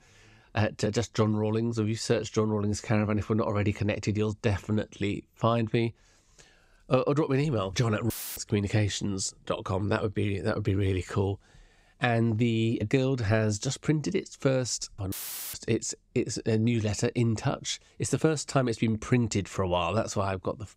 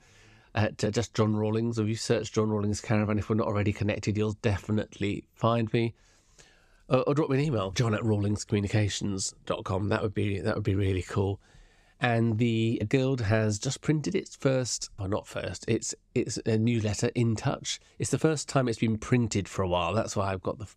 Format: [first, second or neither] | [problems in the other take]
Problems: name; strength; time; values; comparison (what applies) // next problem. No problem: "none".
second | audio cutting out; filled with static; at 8 s and at 15 s